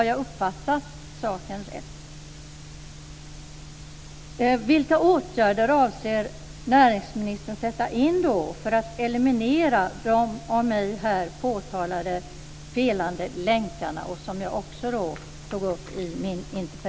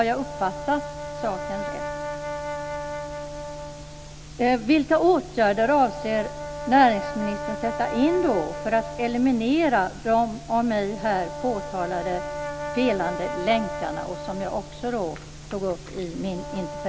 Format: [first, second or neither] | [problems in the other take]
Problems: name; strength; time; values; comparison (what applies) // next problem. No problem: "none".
first | background sound (Brass instrument); 10 dB below the speech